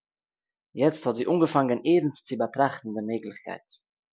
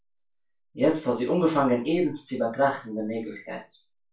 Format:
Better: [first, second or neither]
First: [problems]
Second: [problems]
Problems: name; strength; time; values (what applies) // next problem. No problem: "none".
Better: first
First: none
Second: room echo; dies away in 0.3 s